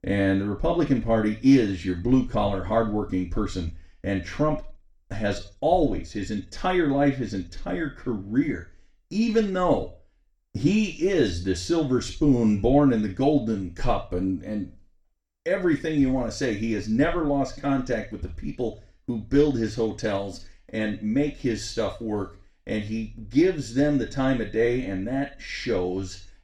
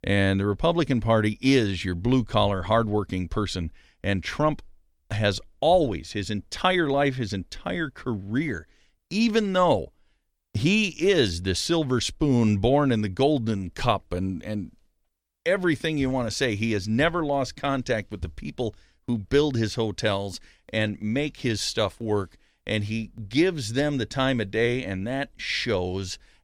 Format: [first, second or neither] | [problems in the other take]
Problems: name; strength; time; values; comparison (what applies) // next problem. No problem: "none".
second | room echo; slight; dies away in 0.4 s // off-mic speech; somewhat distant